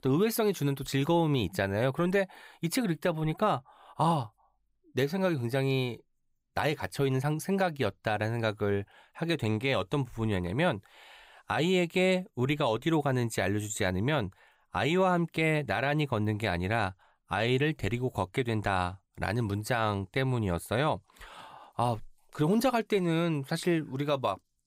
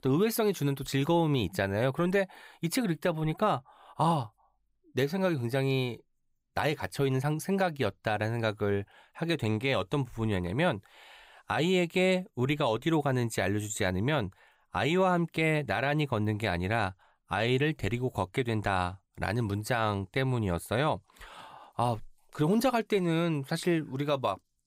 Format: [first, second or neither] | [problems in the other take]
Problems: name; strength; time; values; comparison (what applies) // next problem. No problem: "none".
neither | none